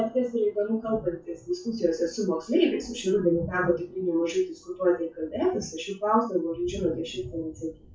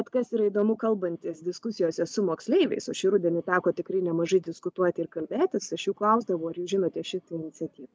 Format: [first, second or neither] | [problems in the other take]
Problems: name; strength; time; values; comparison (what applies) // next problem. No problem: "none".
second | noise reduction (classical method WPE with log-MMSE)